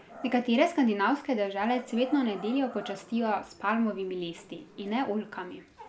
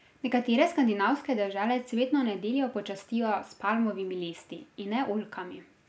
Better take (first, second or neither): second